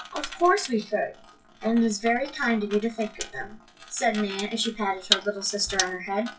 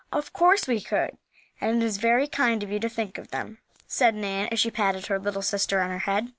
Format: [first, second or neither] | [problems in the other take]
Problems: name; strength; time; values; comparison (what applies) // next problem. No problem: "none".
second | noise reduction (classical method WPE with log-MMSE)